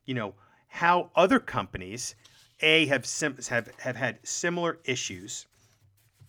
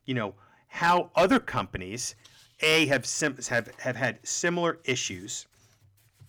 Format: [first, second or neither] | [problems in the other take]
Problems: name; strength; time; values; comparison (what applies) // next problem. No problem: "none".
first | distortion; slight; 1.6% of the sound clipped